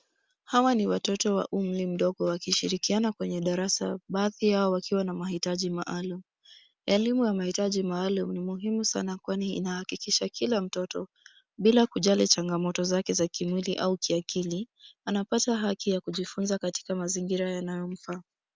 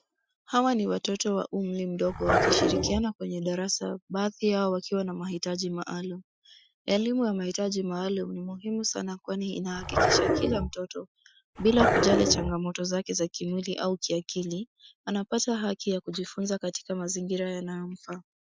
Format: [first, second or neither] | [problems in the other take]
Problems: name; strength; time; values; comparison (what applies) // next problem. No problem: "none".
first | noise reduction (classical method Wiener filter)